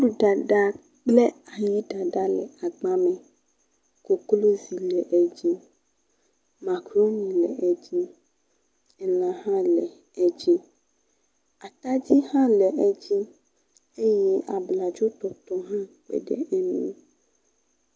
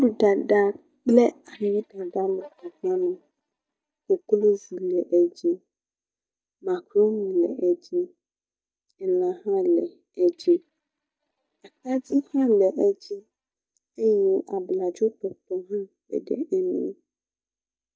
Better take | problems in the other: first | noise reduction (neural mask model DeepFilterNet 3)

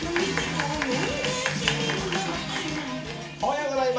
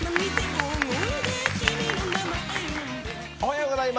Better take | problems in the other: second | room echo; dies away in 0.4 s

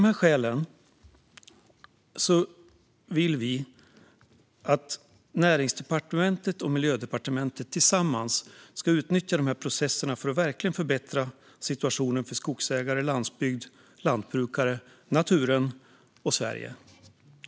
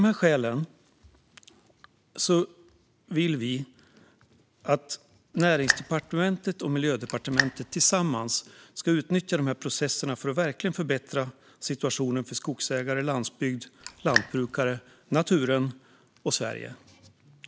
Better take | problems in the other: first | background sound (Raindrop); 4 dB below the speech

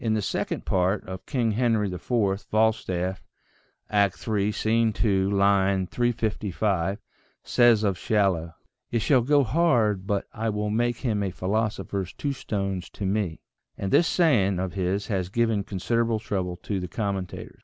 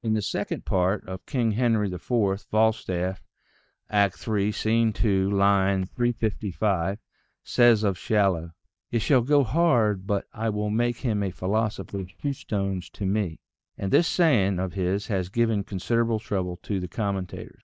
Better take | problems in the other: first | noise reduction (neural mask model DeepFilterNet 3)

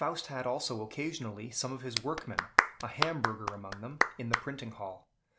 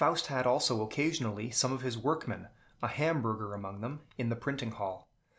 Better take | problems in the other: second | background sound (Clapping); 4 dB above the speech

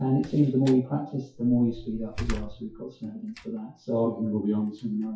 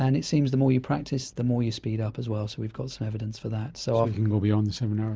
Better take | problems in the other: second | noise reduction (classical method WPE with log-MMSE)

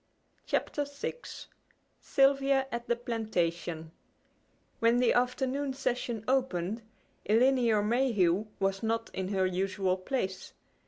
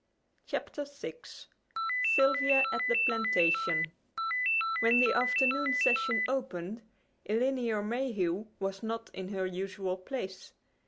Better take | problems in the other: first | background sound (Ringtone); 3 dB above the speech

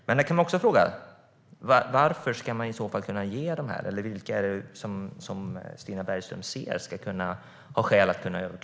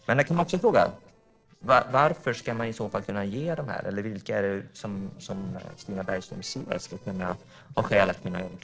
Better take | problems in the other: first | noise reduction (neural separator model SepFormer DNS4)

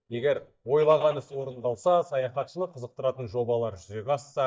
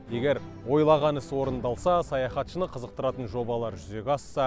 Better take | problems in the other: second | noise reduction (neural mask model DeepFilterNet 3)

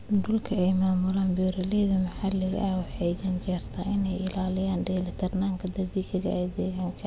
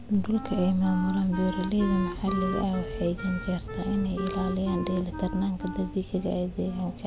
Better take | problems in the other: first | background sound (Wind instrument, woodwind instrument); 10 dB below the speech

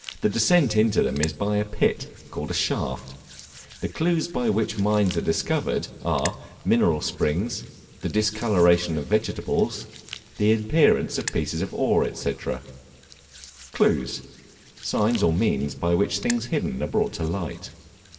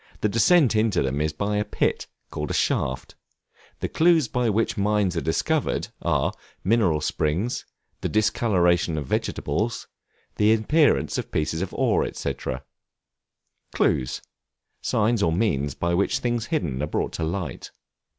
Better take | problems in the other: second | background sound (Hands); 19 dB below the speech // room echo; dies away in 1.6 s

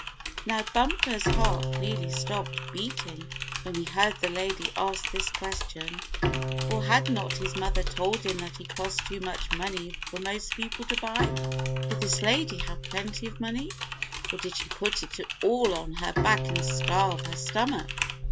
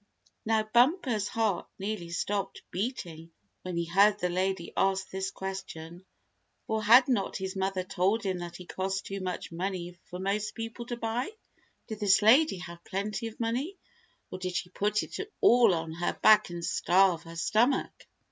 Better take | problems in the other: second | background sound (Bowed string instrument + Typing); as loud as the speech

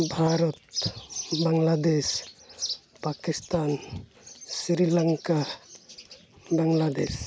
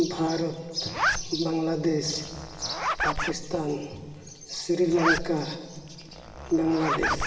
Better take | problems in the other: first | background sound (Zipper (clothing)); 4 dB below the speech // room echo; dies away in 2.8 s

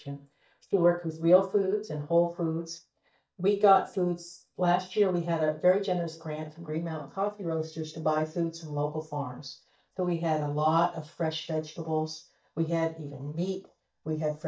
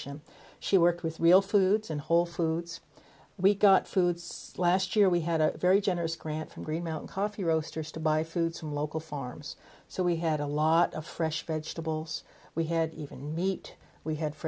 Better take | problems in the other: second | noise reduction (neural mask model DeepFilterNet 3)

